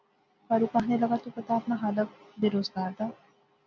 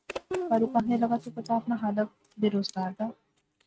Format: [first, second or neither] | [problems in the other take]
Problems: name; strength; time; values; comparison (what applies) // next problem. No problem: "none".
first | noise reduction (neural mask model RNNoise)